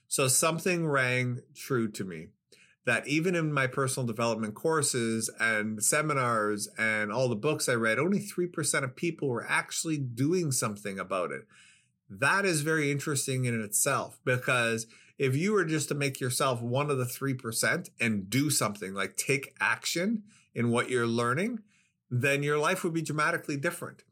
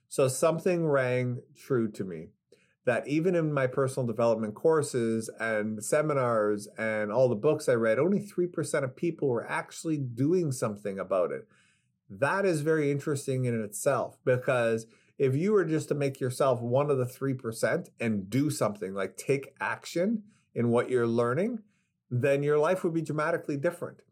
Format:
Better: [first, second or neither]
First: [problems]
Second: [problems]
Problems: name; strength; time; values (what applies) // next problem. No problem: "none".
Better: first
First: none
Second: muffled; slightly; fading above 1.5 kHz